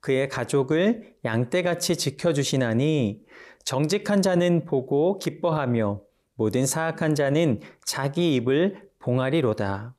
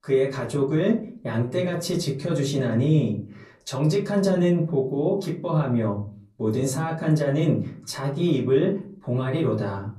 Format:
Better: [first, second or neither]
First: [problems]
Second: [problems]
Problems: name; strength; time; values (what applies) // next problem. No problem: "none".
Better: first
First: none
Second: room echo; slight; dies away in 0.4 s // off-mic speech; far